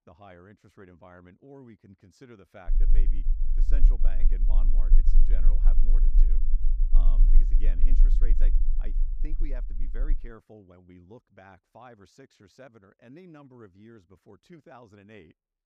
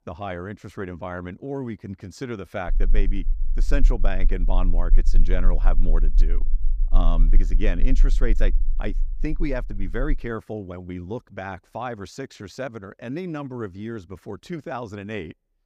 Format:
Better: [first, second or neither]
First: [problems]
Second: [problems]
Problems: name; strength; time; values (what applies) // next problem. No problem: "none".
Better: second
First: low rumble; loud; from 2.5 to 10 s; 5 dB below the speech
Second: low rumble; faint; from 2.5 to 10 s; 20 dB below the speech